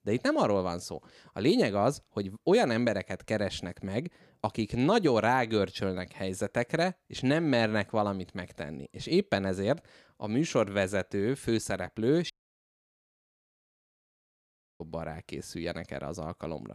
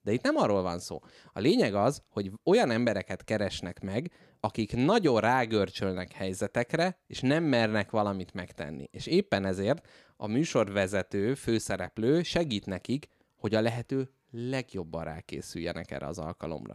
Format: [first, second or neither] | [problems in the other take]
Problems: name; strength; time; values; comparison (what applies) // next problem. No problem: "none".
second | audio cutting out; at 12 s for 2.5 s